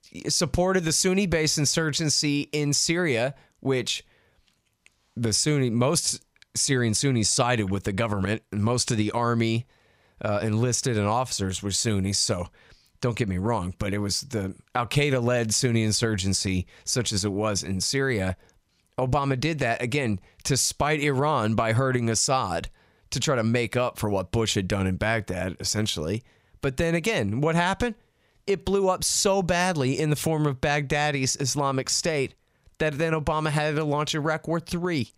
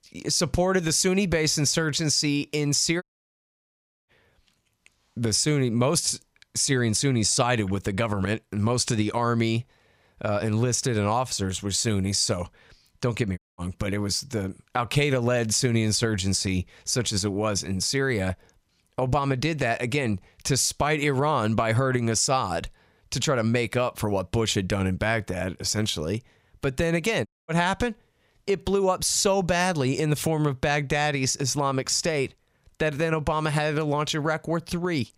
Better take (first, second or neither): first